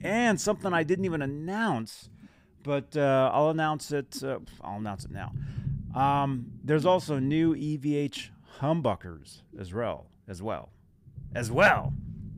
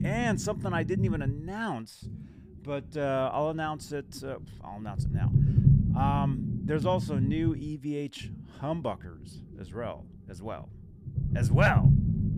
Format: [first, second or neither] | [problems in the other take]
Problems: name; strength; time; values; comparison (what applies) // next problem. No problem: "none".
first | low rumble; loud; throughout; 6 dB below the speech; faint in the first